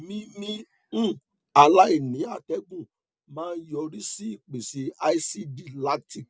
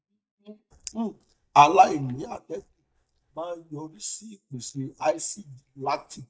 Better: first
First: none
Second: noise reduction (neural mask model DeepFilterNet 3)

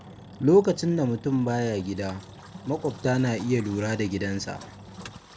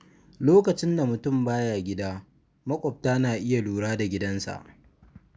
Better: second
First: background sound (Engine); 18 dB below the speech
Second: none

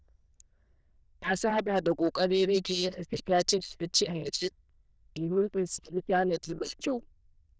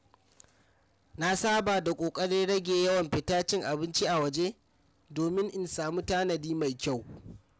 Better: second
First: noise reduction (neural diffusion model UNIVERSE++)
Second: none

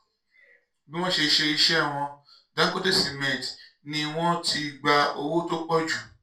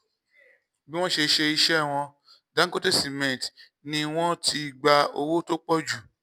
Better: second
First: room echo; dies away in 0.3 s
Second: none

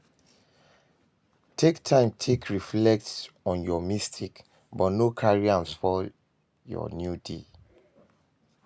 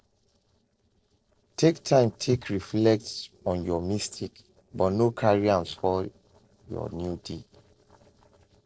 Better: first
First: none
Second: noise reduction (neural separator model SepFormer DNS4)

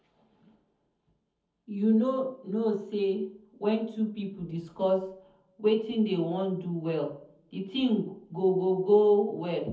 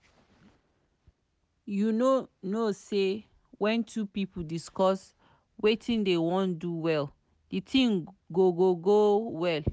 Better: second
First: room echo; dies away in 0.6 s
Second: none

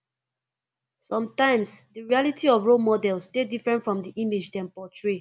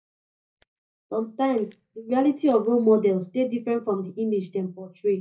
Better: first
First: none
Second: noise reduction (neural mask model DeepFilterNet 3)

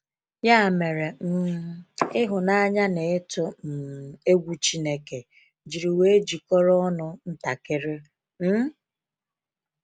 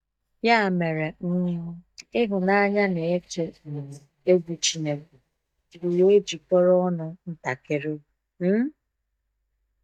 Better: first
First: none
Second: noise reduction (neural mask model DeepFilterNet 3)

